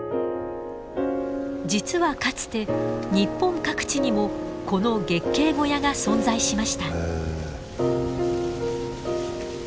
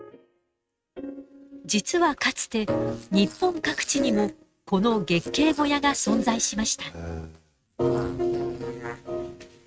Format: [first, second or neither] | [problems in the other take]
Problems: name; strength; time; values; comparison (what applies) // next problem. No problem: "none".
first | noise reduction (neural mask model RNNoise)